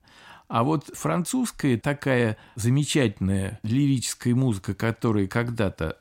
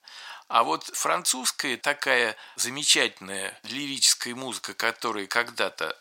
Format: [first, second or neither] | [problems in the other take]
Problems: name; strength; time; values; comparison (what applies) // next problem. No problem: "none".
first | thin; very; fading below 800 Hz